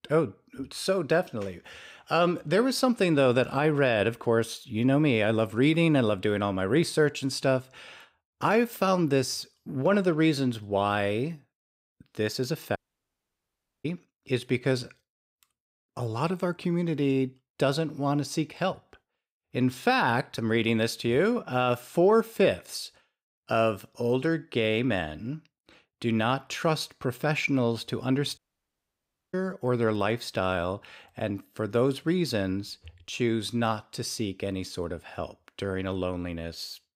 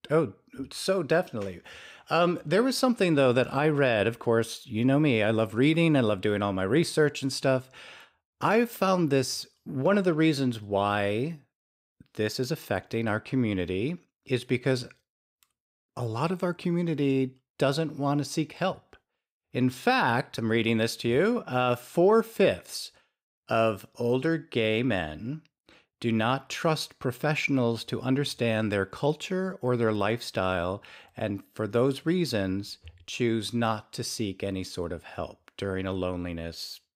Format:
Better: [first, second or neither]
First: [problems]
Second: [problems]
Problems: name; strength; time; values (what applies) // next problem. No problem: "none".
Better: second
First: audio cutting out; at 13 s for 1 s and at 28 s for 1 s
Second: none